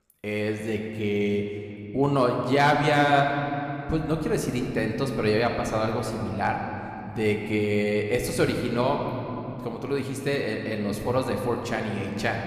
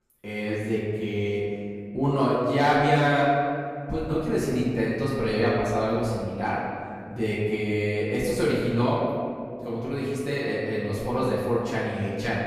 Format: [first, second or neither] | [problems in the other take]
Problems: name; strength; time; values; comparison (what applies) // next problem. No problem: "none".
first | room echo; strong; dies away in 2.3 s; slight in the first // off-mic speech; far